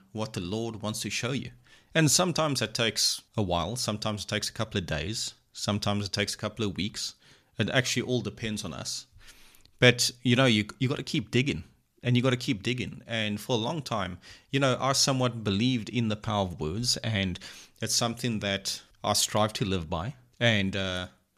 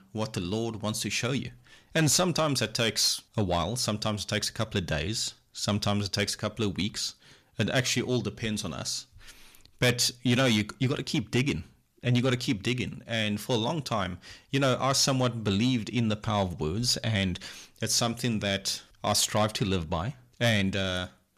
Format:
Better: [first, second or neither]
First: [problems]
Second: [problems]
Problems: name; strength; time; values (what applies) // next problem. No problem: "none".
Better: first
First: none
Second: distortion; slight; 10 dB below the speech